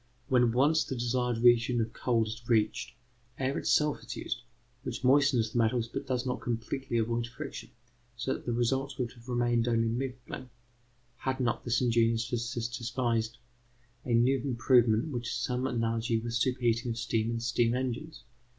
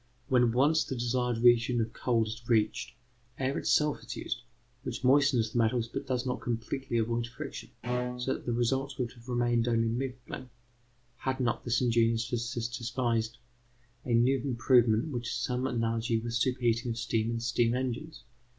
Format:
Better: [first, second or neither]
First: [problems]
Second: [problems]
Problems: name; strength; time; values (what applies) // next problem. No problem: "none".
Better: first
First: none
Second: background sound (Bowed string instrument); 8 dB below the speech